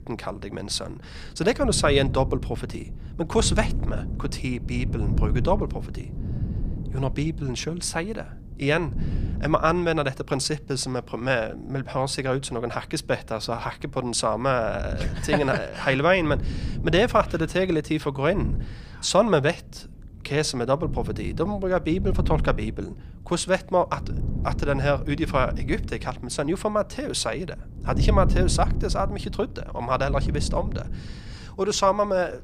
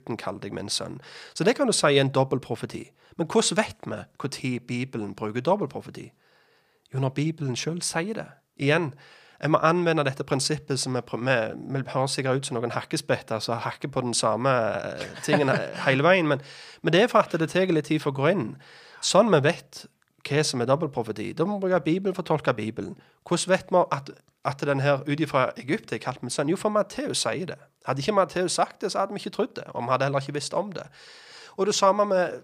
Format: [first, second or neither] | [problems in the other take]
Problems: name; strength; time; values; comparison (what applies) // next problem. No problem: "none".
second | wind noise on the microphone; occasional gusts; 15 dB below the speech